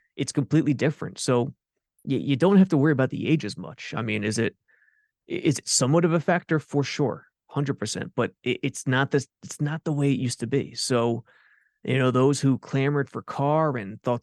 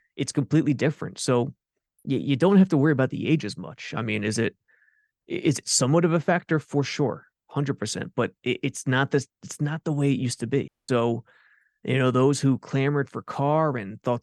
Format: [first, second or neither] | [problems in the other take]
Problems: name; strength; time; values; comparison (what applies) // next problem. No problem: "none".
first | audio cutting out; at 11 s